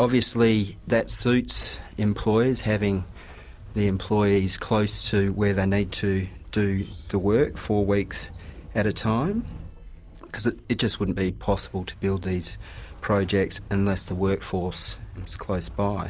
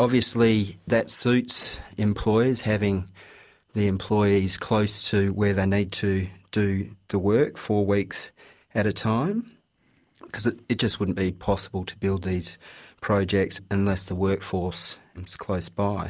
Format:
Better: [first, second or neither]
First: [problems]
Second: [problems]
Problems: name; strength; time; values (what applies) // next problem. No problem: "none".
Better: second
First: background sound (Train); 15 dB below the speech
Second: none